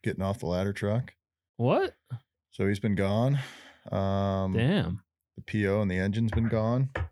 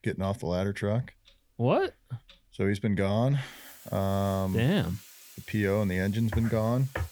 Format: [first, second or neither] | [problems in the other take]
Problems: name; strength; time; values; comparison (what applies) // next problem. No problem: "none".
first | household noises; faint; throughout; 20 dB below the speech